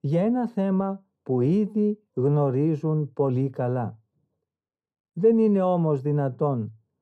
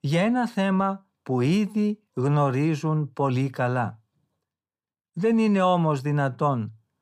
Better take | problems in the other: second | muffled; slightly; fading above 1 kHz

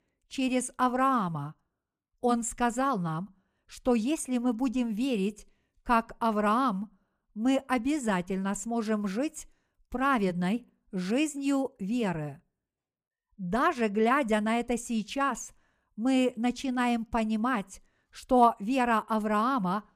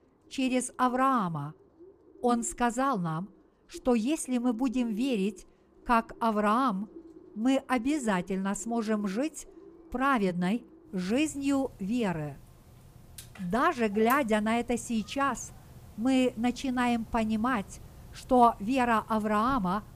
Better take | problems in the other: first | animal sounds; faint; throughout; 20 dB below the speech

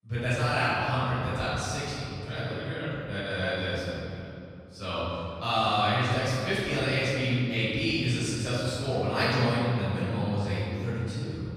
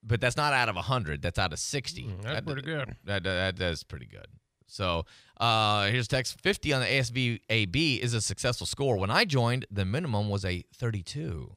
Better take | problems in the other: second | off-mic speech; far // room echo; strong; dies away in 2.6 s

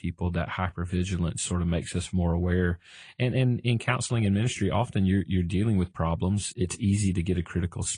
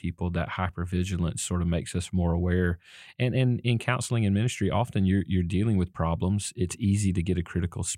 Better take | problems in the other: second | garbled, watery; slightly; nothing above 9.5 kHz

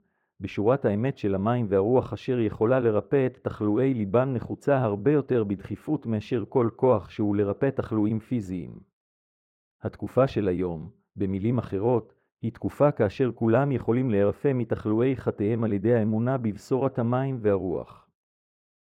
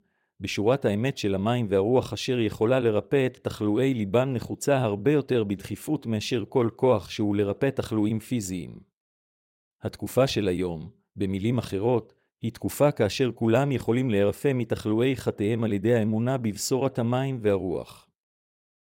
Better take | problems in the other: second | muffled; very; fading above 3 kHz

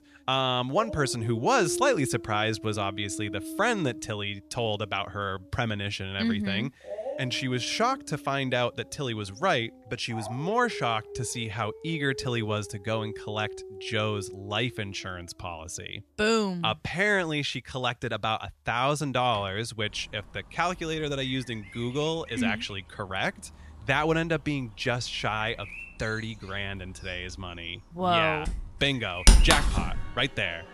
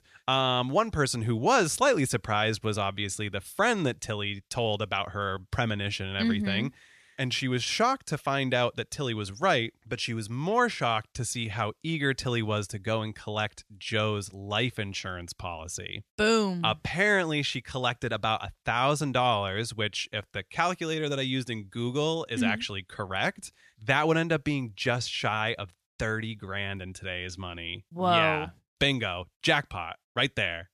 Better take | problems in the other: second | animal sounds; loud; throughout; 5 dB below the speech

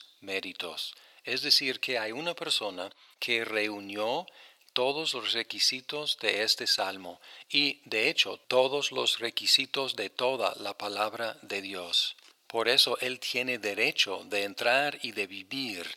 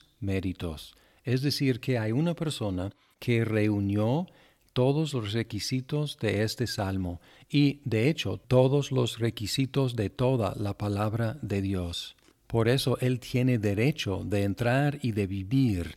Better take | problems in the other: second | thin; very; fading below 700 Hz

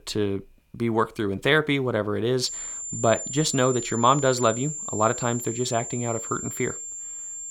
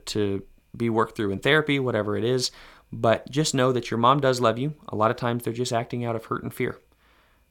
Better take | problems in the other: second | high-pitched whine; loud; from 2.5 s on; 7.5 kHz, 7 dB below the speech

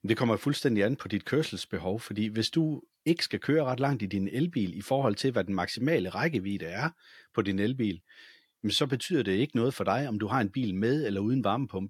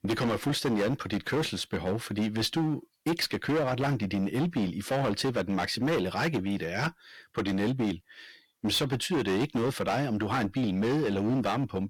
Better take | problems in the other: first | distortion; heavy; 17% of the sound clipped

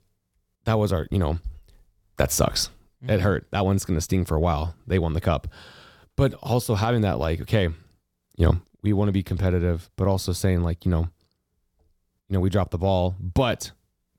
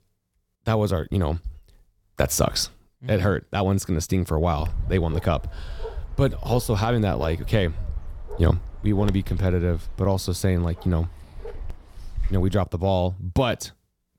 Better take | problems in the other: first | dog barking; noticeable; from 4.5 to 13 s; peak 8 dB below the speech

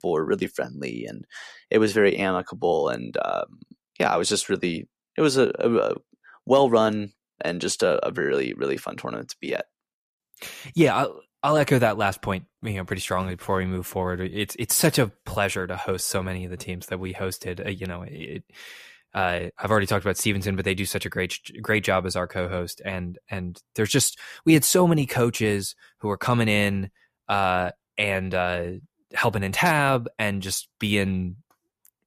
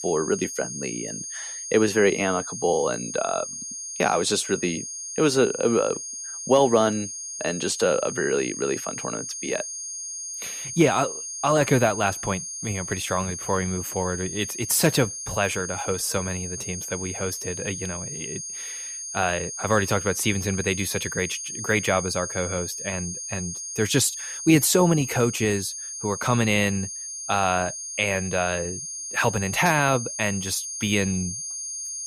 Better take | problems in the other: first | high-pitched whine; loud; throughout; 6.5 kHz, 7 dB below the speech

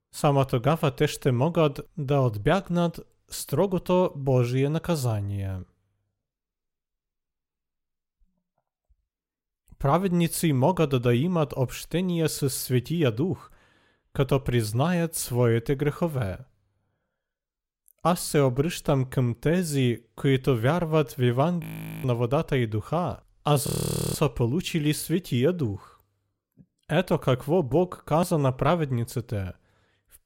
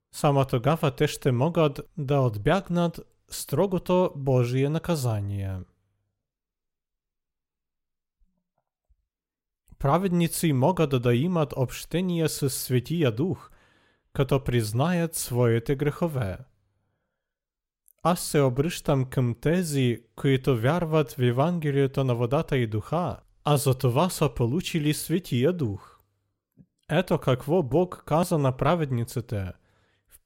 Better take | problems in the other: second | audio freezing; at 22 s and at 24 s

